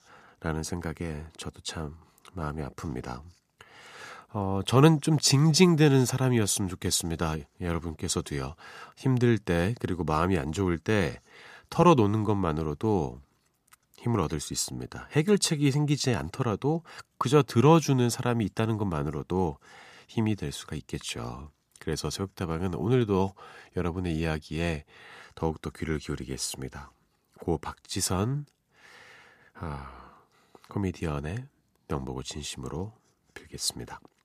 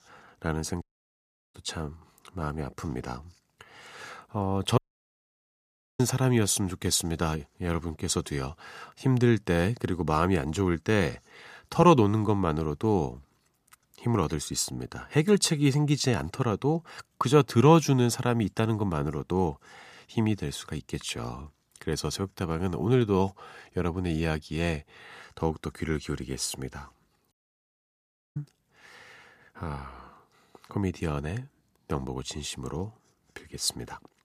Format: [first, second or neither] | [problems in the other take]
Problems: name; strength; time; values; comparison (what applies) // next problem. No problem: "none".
first | audio cutting out; at 1 s for 0.5 s, at 5 s for 1 s and at 27 s for 1 s